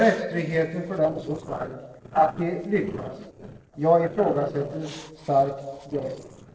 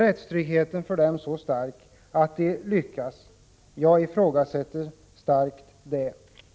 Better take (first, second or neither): second